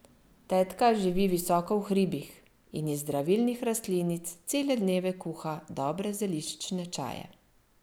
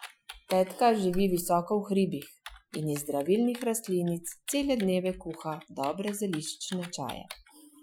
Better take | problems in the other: first | noise reduction (classical method Wiener filter)

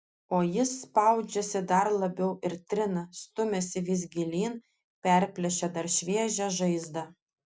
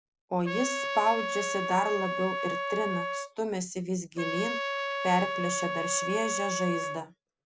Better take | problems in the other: first | background sound (Trumpet); 2 dB below the speech

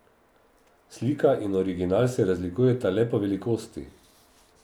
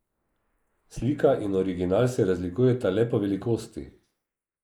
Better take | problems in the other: first | noise reduction (neural mask model Resemble Enhance denoiser)

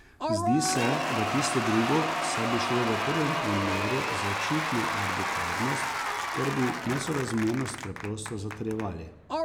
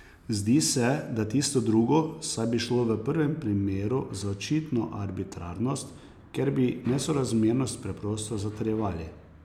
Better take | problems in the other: second | background sound (Applause / Crowd / Cheering); as loud as the speech

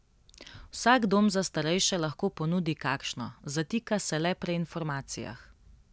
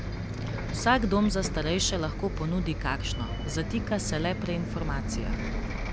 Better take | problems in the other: first | background sound (Bus); 2 dB below the speech

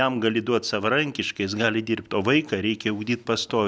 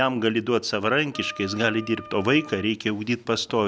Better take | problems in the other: first | background sound (Wind instrument, woodwind instrument); 18 dB below the speech

